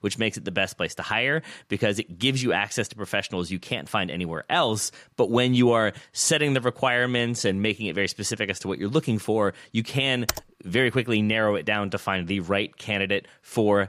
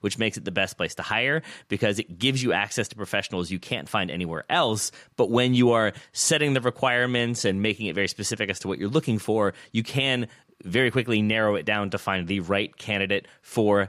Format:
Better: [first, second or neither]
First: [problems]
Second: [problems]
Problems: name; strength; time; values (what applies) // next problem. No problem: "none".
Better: second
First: keyboard typing; noticeable; at 10 s; peak 5 dB below the speech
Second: none